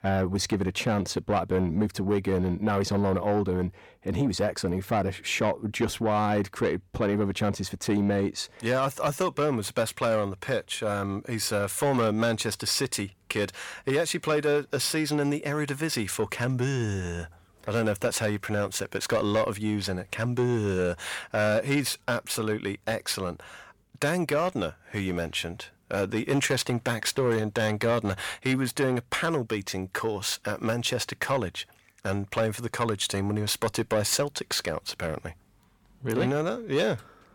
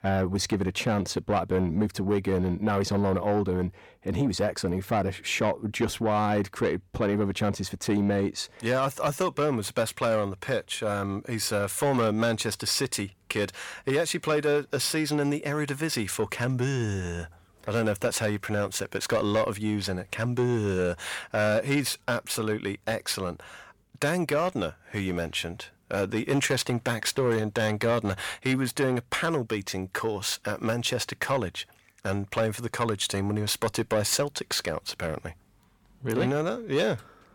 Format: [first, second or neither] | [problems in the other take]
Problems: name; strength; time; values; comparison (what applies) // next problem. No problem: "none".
neither | distortion; slight; 10 dB below the speech; the same in both